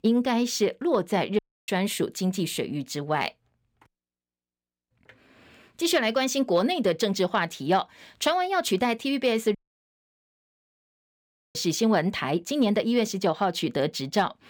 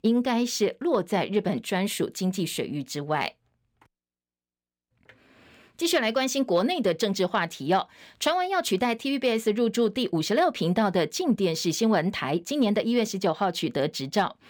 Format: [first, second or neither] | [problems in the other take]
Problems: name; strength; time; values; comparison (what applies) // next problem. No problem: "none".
second | audio cutting out; at 1.5 s and at 9.5 s for 2 s